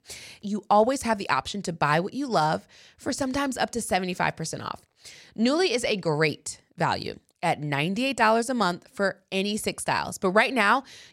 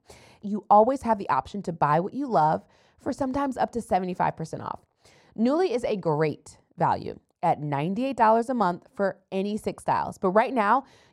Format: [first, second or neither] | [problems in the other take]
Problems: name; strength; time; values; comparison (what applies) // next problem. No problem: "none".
first | muffled; very; fading above 1.5 kHz